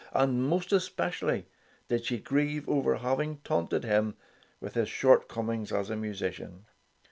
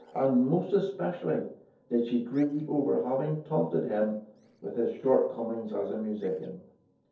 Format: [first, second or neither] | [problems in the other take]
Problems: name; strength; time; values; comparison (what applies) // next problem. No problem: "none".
first | noise reduction (neural separator model SepFormer DNS4)